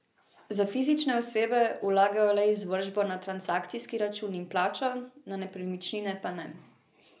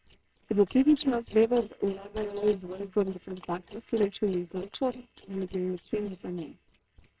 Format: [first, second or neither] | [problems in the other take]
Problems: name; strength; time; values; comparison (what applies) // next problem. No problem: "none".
first | noise reduction (neural separator model SepFormer WHAMR!)